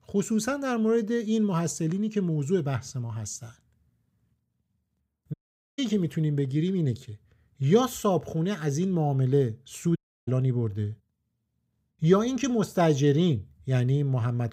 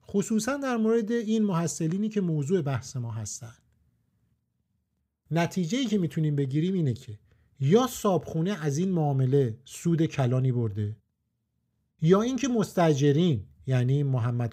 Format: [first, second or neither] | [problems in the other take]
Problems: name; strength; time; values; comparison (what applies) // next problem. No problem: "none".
second | audio cutting out; at 5.5 s and at 10 s